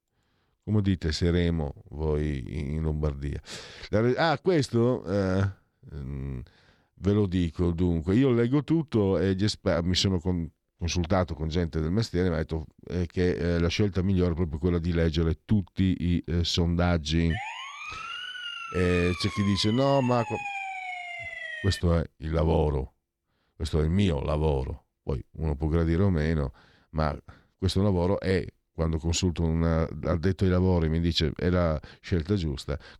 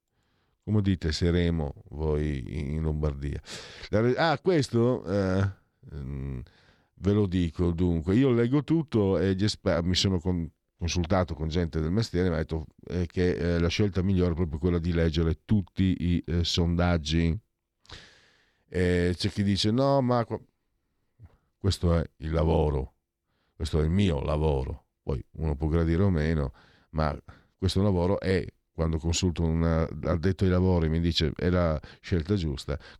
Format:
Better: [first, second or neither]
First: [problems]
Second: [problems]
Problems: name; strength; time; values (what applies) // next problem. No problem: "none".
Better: second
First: siren; noticeable; from 17 to 22 s; peak 6 dB below the speech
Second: none